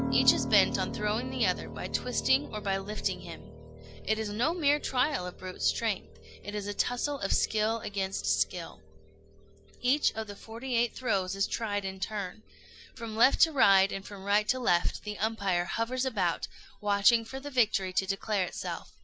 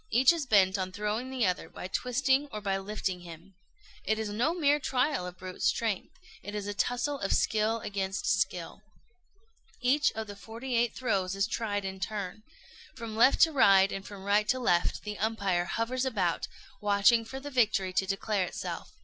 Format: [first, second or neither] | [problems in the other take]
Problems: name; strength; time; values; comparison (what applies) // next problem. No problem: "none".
second | background sound (Piano); 12 dB below the speech